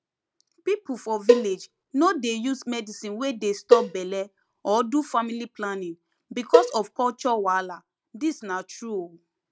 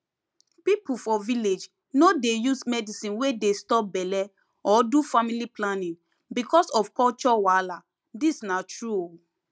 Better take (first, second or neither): second